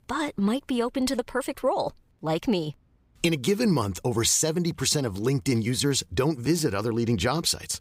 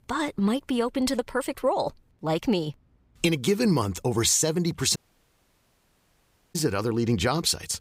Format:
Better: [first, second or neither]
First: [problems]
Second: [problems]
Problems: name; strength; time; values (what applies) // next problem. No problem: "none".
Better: first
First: none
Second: audio cutting out; at 5 s for 1.5 s